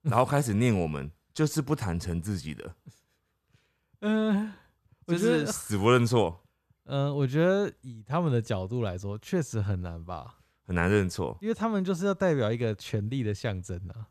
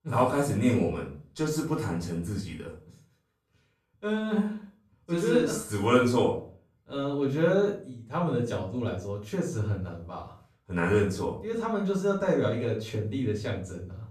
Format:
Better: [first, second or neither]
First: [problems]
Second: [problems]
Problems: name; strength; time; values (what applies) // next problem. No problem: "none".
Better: first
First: none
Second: off-mic speech; far // room echo; slight; dies away in 0.3 s